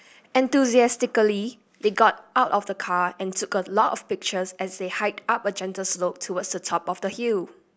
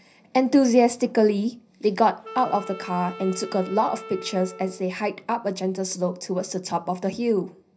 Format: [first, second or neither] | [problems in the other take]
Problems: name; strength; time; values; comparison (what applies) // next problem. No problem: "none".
first | background sound (Wind instrument, woodwind instrument); 16 dB below the speech // room echo; dies away in 0.4 s